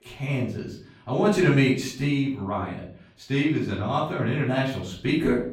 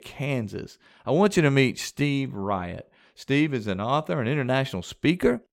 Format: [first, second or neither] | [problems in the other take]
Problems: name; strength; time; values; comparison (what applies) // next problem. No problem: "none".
second | room echo; slight; dies away in 0.5 s // off-mic speech; far